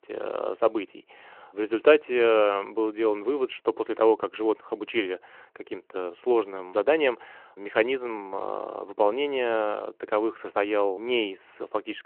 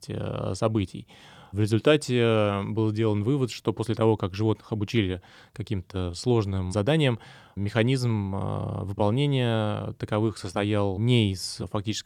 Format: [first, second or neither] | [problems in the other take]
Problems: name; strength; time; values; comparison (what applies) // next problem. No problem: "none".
second | phone-call audio